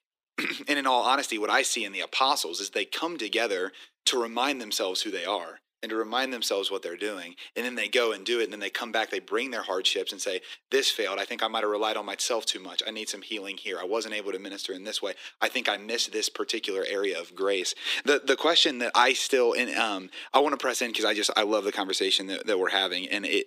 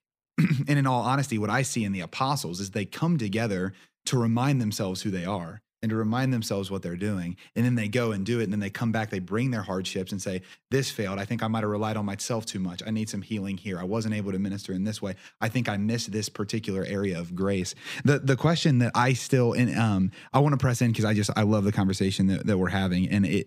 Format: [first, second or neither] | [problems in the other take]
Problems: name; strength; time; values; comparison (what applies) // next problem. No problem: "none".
second | thin; very; fading below 300 Hz